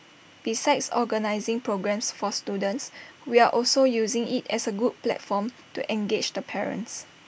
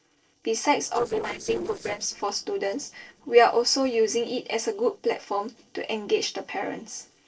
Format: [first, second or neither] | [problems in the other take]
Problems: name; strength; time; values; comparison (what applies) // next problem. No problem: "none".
first | noise reduction (neural separator model SepFormer DNS4)